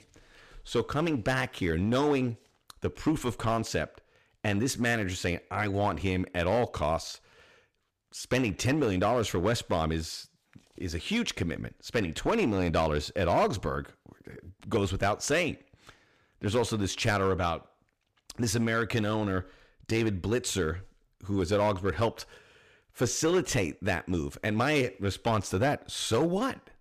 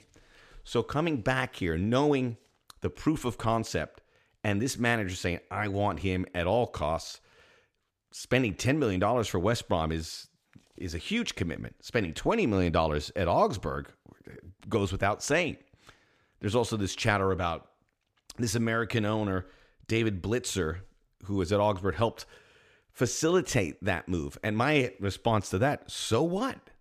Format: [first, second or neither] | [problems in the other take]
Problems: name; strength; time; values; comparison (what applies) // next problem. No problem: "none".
second | distortion; slight; 4% of the sound clipped